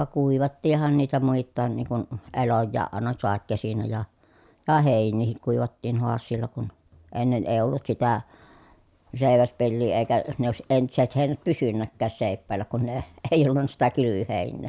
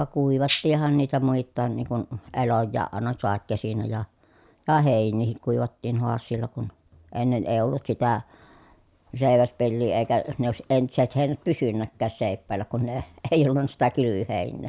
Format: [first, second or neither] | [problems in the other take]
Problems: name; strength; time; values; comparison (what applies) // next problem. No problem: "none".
first | background sound (Rattle (instrument)); 4 dB below the speech